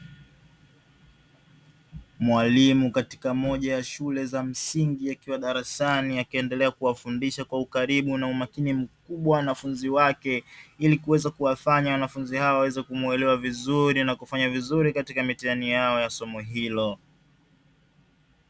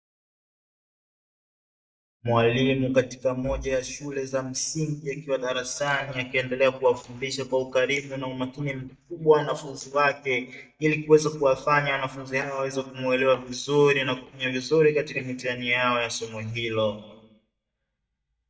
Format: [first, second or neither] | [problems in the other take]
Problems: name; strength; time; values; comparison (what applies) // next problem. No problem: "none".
first | noise reduction (neural mask model DeepFilterNet 3)